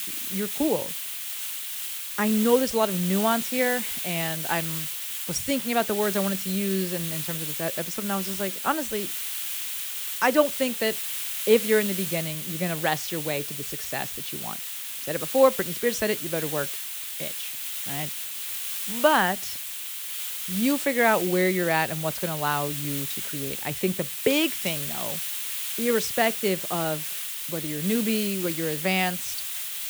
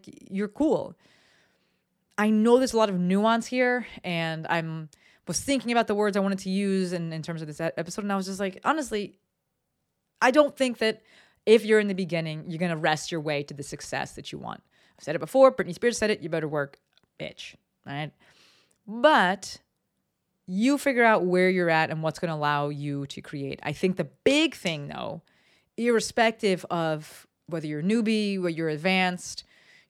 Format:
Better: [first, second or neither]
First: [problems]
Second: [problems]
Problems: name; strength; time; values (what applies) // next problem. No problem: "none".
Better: second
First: hiss; loud; throughout; 3 dB below the speech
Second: none